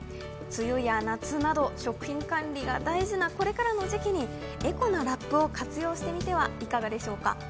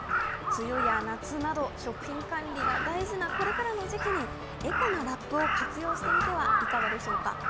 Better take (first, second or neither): first